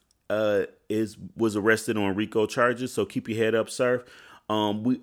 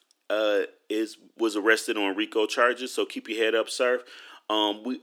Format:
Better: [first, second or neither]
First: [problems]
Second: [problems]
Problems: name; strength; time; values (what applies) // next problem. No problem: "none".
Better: first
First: none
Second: thin; somewhat; fading below 300 Hz